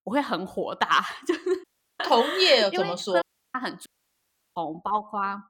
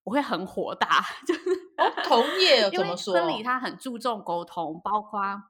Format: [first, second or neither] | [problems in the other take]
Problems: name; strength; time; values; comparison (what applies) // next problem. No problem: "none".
second | audio cutting out; at 1.5 s, at 3 s and at 4 s for 0.5 s